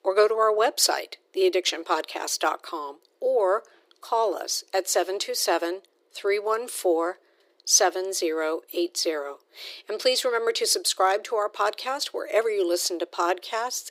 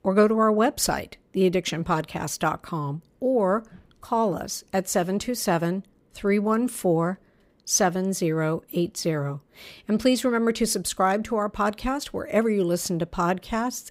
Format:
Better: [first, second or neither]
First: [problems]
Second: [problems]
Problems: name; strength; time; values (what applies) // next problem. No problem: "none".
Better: second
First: thin; very; fading below 350 Hz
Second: none